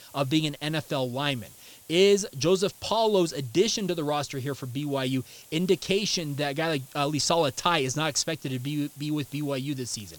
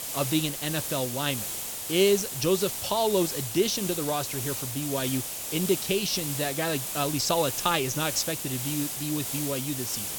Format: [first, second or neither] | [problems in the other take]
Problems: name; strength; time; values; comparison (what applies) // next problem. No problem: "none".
first | hiss; loud; throughout; 3 dB below the speech; faint in the first